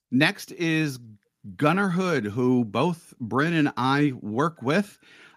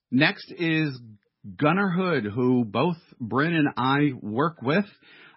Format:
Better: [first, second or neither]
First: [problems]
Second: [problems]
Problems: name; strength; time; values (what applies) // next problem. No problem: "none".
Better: first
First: none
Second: garbled, watery; badly; nothing above 5.5 kHz